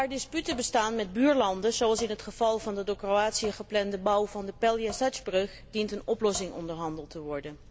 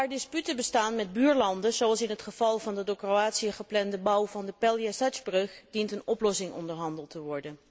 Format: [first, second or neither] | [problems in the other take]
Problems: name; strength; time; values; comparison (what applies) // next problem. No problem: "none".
second | background sound (Drip / Sink (filling or washing) / Water tap, faucet); 19 dB below the speech